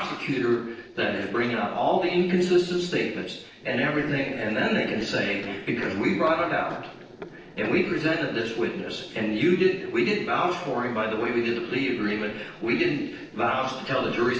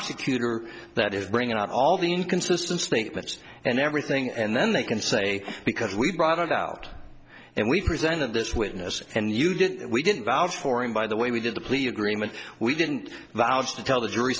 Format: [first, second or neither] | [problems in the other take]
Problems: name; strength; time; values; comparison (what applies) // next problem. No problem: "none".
second | noise reduction (neural separator model SepFormer DNS4)